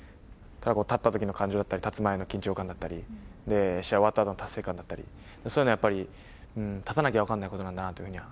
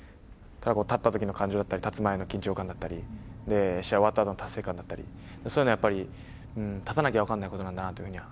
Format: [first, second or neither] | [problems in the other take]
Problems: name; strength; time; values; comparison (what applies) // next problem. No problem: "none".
first | background sound (Engine); 16 dB below the speech